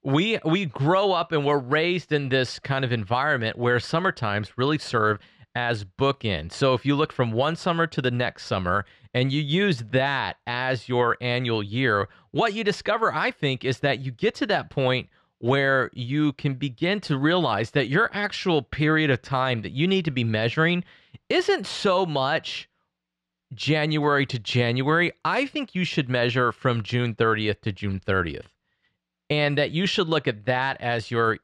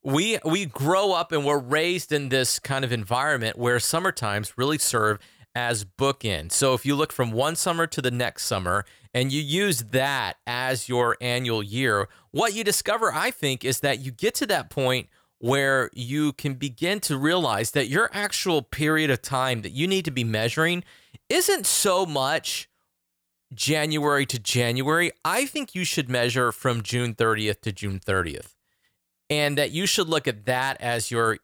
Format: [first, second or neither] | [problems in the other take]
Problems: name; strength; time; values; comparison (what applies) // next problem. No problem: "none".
second | muffled; slightly; fading above 4 kHz